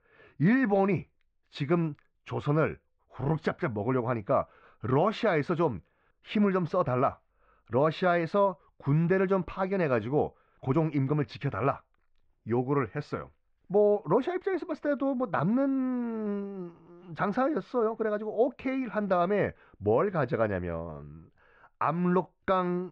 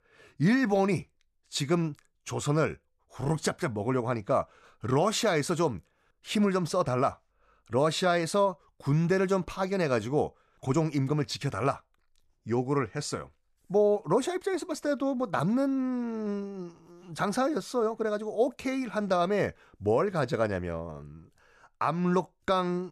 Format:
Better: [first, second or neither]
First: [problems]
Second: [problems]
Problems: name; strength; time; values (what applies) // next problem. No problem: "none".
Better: second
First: muffled; very; fading above 2.5 kHz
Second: none